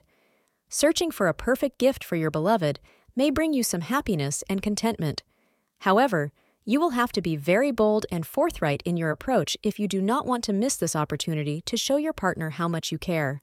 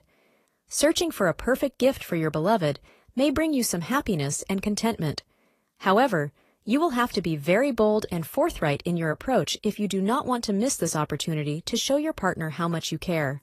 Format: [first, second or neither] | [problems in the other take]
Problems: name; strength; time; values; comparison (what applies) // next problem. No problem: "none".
first | garbled, watery; slightly; nothing above 13.5 kHz